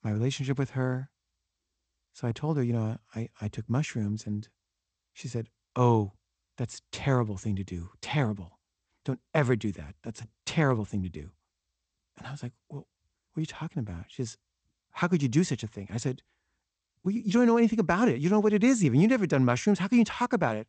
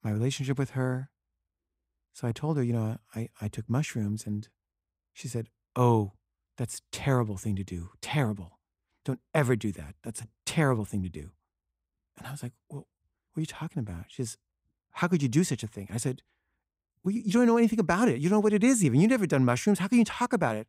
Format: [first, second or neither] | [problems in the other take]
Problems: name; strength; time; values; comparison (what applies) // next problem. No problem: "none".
second | garbled, watery; slightly; nothing above 8 kHz